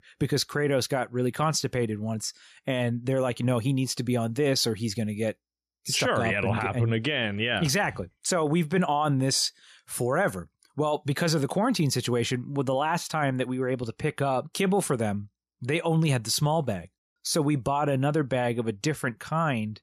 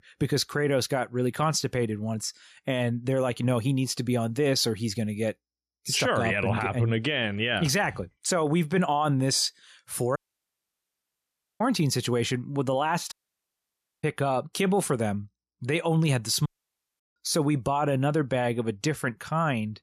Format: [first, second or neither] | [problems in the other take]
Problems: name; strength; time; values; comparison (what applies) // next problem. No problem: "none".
first | audio cutting out; at 10 s for 1.5 s, at 13 s for 1 s and at 16 s for 0.5 s